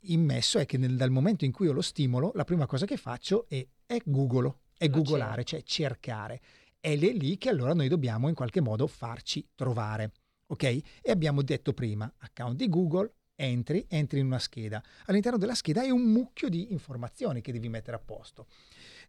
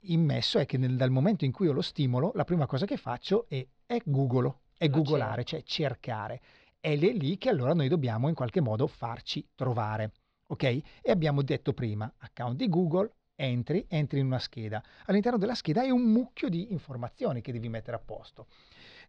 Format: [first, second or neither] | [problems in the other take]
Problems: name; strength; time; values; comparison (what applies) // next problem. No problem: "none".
first | muffled; very slightly; fading above 4.5 kHz